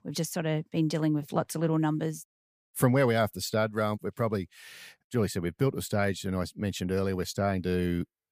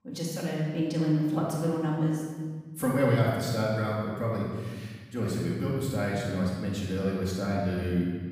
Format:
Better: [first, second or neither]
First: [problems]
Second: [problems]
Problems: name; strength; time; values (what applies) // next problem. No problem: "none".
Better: first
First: none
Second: off-mic speech; far // room echo; strong; dies away in 1.7 s